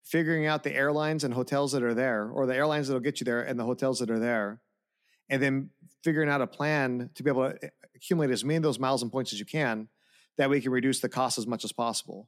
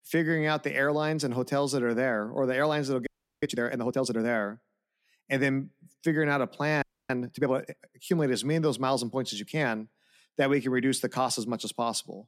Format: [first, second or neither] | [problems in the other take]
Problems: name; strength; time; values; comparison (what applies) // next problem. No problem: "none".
first | audio freezing; at 3 s and at 7 s